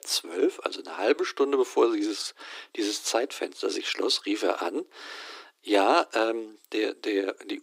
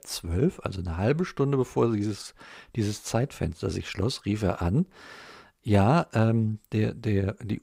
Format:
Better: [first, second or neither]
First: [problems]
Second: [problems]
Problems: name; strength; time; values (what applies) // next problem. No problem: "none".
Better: second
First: thin; very; fading below 300 Hz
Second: none